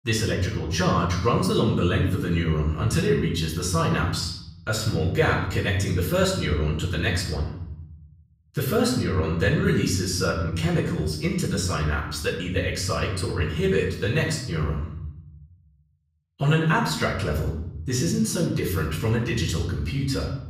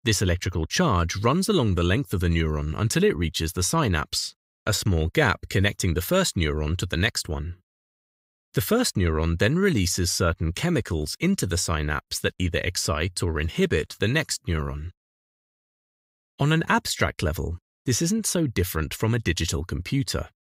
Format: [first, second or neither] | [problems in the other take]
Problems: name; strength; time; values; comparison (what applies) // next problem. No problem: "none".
second | off-mic speech; far // room echo; noticeable; dies away in 0.9 s